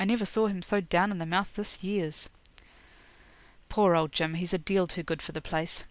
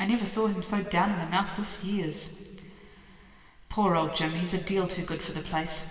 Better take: first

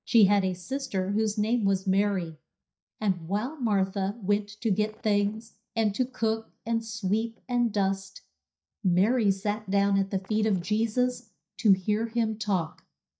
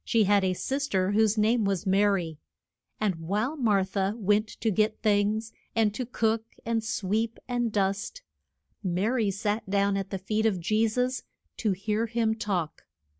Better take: second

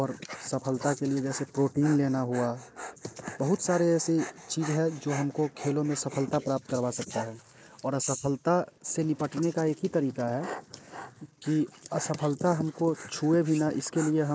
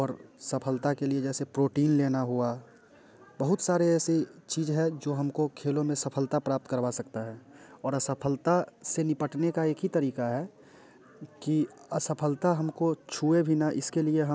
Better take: second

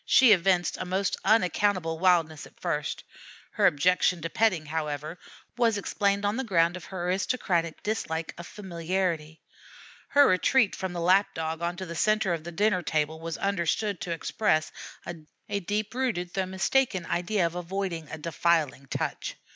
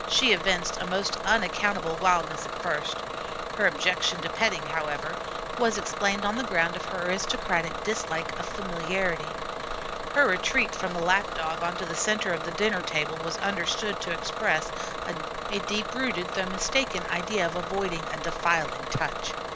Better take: first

